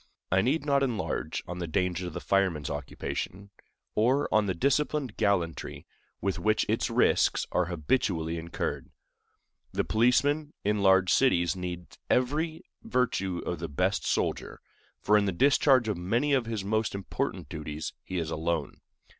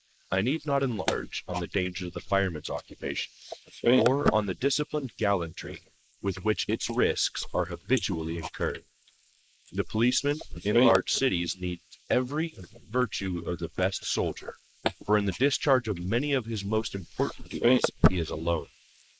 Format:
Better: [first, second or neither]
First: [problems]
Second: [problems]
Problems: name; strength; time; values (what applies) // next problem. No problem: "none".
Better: first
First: none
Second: noise reduction (neural mask model Resemble Enhance denoiser)